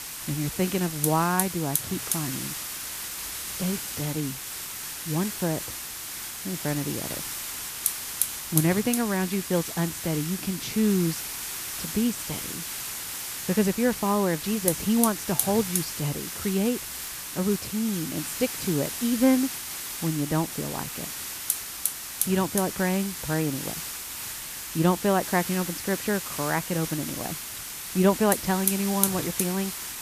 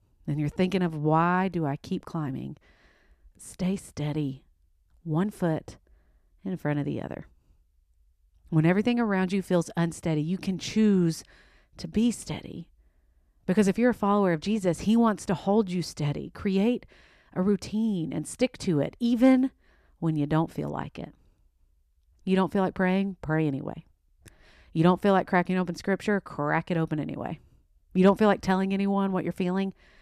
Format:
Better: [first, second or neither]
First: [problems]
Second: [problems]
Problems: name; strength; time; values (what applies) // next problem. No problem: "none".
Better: second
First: hiss; loud; throughout; 3 dB below the speech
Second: none